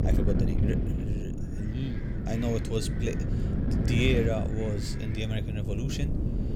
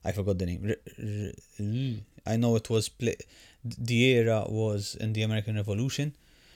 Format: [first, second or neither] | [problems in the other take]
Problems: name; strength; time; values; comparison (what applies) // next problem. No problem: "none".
second | wind noise on the microphone; heavy; 4 dB below the speech